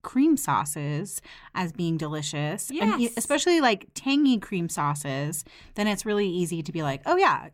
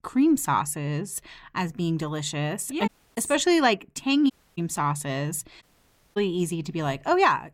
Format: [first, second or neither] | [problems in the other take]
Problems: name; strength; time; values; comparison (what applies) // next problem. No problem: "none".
first | audio cutting out; at 3 s, at 4.5 s and at 5.5 s for 0.5 s